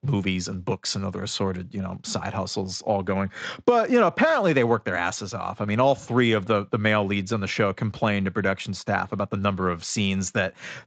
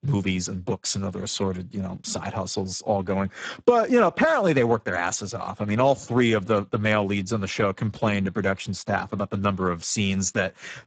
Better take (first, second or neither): first